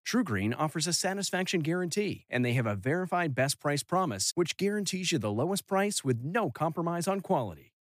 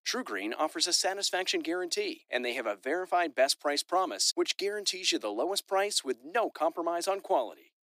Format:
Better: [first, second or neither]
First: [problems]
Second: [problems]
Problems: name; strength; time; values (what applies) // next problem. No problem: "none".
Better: first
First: none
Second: thin; very; fading below 300 Hz